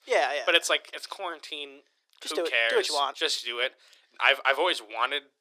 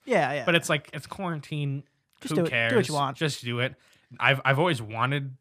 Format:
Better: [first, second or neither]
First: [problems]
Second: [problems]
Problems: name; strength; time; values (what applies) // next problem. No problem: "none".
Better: second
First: thin; very; fading below 350 Hz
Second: none